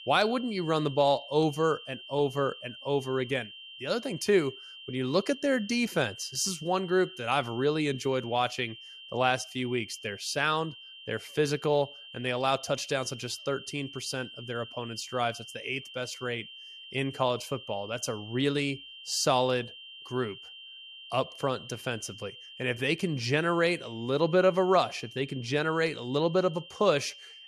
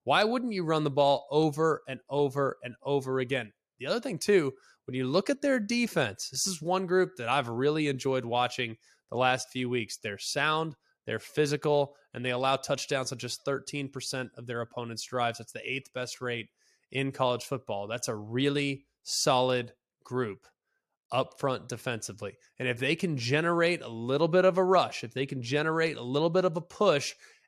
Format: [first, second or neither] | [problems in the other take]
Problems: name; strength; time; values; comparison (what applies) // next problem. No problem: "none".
second | high-pitched whine; noticeable; throughout; 3 kHz, 15 dB below the speech